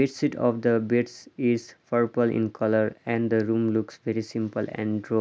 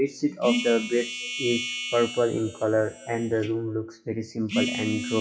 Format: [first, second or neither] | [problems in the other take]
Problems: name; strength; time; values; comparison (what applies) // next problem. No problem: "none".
first | noise reduction (classical method WPE with log-MMSE)